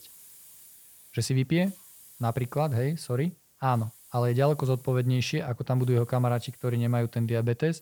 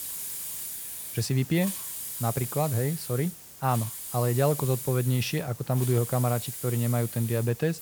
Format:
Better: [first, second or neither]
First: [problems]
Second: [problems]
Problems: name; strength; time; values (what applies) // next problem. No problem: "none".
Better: first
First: hiss; faint; throughout; 25 dB below the speech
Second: hiss; loud; throughout; 7 dB below the speech